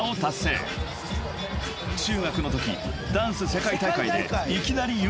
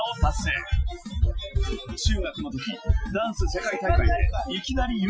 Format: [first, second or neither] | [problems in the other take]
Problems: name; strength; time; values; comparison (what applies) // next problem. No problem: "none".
first | noise reduction (classical method Wiener filter)